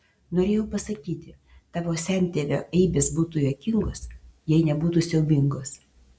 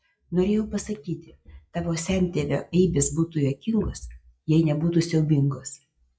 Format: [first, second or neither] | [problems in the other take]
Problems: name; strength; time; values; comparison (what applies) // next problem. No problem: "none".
first | noise reduction (classical method log-MMSE)